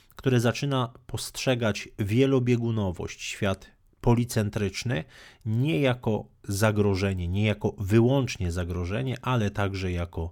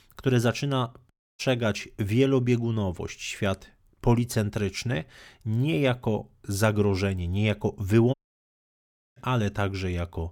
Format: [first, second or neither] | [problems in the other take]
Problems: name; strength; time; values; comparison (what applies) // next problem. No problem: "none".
first | audio cutting out; at 1 s and at 8 s for 1 s